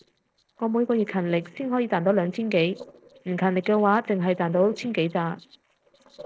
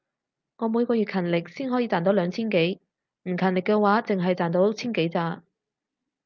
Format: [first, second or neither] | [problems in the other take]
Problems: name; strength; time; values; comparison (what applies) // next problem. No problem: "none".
second | noise reduction (neural separator model SepFormer DNS4)